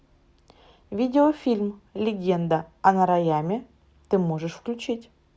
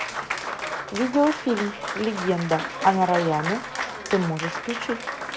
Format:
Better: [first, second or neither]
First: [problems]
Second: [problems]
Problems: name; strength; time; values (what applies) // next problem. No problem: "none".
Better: first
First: none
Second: background sound (Applause); 6 dB below the speech